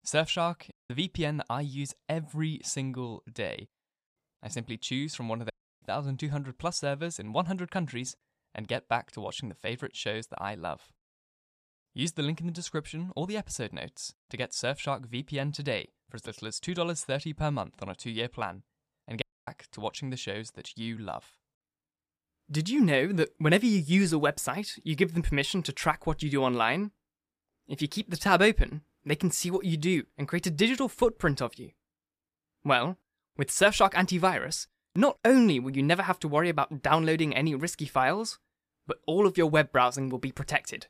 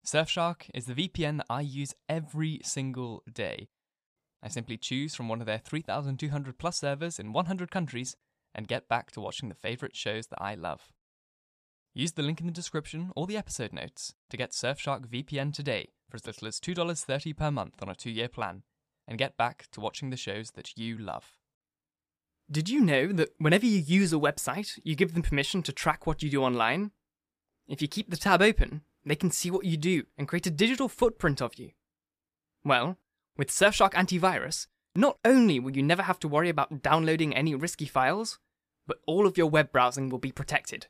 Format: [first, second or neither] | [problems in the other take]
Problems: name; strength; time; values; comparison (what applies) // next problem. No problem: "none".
second | audio cutting out; at 0.5 s, at 5.5 s and at 19 s